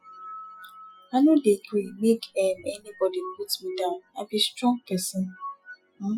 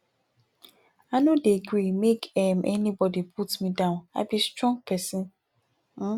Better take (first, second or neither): second